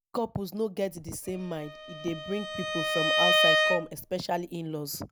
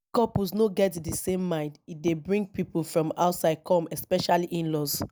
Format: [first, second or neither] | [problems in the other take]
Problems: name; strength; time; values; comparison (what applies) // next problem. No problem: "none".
second | background sound (Bowed string instrument); 4 dB above the speech